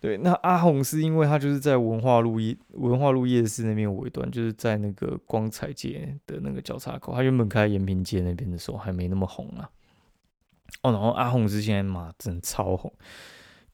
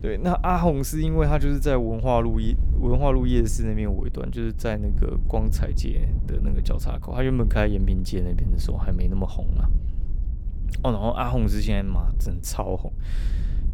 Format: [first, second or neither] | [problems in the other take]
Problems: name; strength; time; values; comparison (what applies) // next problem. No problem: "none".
first | wind noise on the microphone; occasional gusts; 20 dB below the speech